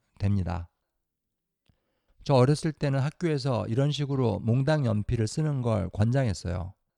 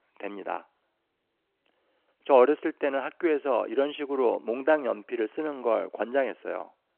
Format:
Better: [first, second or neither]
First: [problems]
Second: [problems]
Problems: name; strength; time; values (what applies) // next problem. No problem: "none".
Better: first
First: none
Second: phone-call audio